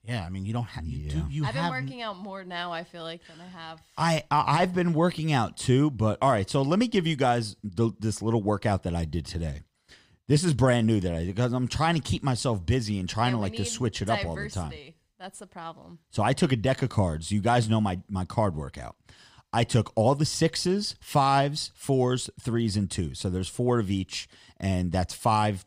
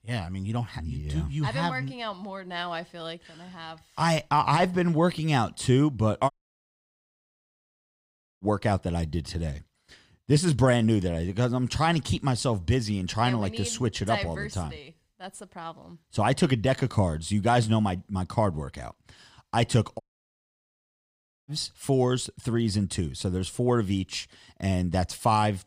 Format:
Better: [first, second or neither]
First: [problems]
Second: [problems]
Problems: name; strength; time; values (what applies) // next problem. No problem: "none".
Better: first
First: none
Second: audio cutting out; at 6.5 s for 2 s and at 20 s for 1.5 s